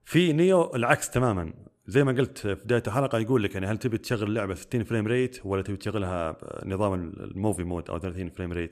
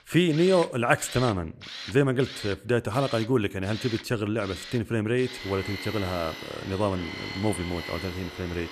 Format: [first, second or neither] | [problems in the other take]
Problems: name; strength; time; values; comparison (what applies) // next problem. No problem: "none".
first | machinery noise; noticeable; throughout; 10 dB below the speech